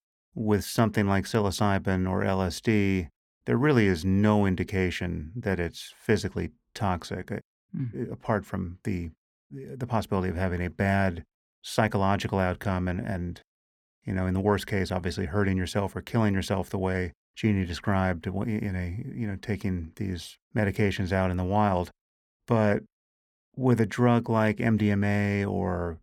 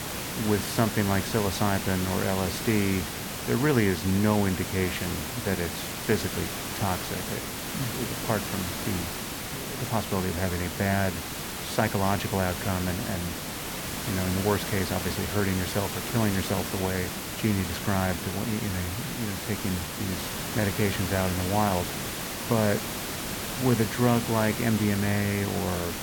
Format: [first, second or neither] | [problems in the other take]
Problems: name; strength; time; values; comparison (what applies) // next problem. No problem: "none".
first | hiss; loud; throughout; 4 dB below the speech